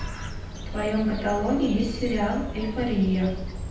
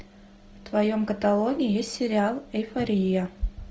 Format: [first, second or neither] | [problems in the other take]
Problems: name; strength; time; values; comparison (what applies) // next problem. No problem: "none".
second | background sound (Bird); 7 dB below the speech // room echo; dies away in 0.9 s